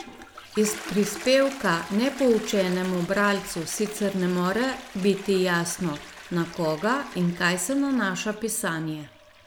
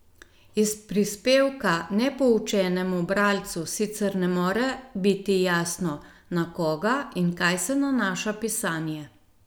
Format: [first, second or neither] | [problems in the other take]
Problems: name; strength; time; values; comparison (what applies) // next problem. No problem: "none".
second | background sound (Toilet flush); 16 dB below the speech